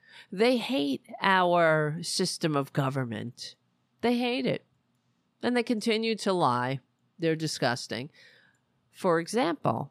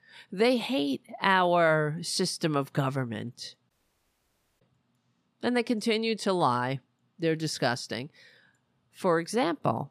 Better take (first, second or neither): first